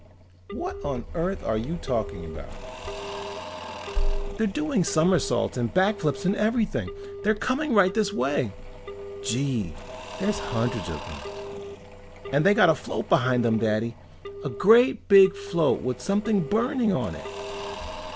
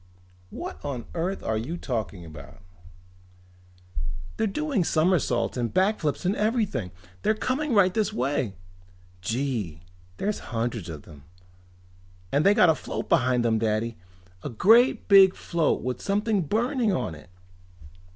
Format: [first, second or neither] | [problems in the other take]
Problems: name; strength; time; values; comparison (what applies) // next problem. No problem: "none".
second | background sound (Telephone + Engine / Drill / Mechanisms); 12 dB below the speech